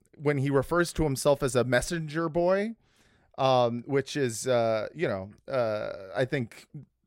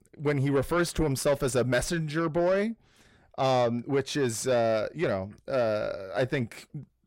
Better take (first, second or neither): first